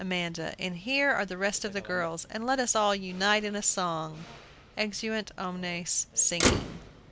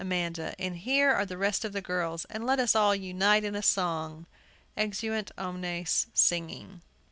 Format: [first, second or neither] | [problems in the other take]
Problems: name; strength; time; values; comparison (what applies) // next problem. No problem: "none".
second | background sound (Motor vehicle (road)); 7 dB below the speech